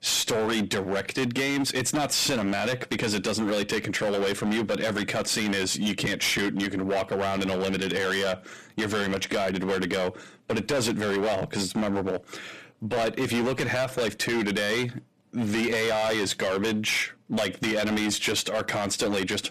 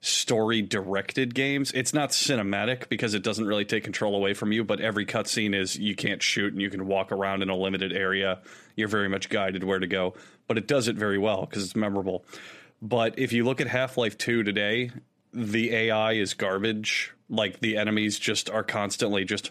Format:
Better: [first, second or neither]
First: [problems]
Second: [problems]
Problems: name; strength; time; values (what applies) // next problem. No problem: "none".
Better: second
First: distortion; heavy; 20% of the sound clipped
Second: none